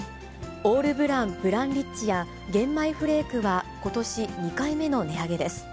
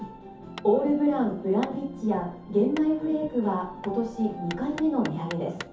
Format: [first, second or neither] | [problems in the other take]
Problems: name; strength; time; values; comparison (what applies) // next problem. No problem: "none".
first | background sound (Hammer); 20 dB below the speech // room echo; dies away in 0.5 s